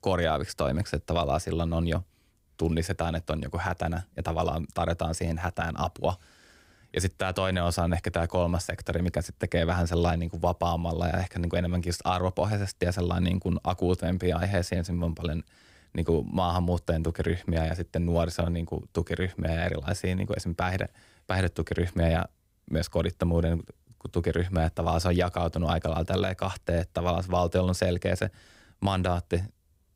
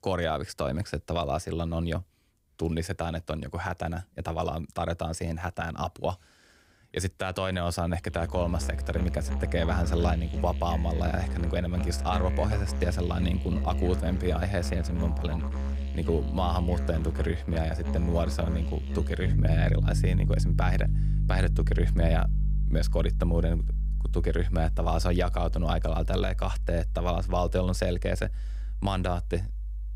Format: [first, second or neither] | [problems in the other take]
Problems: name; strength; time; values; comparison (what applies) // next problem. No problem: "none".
first | background music; very loud; from 8.5 s on; as loud as the speech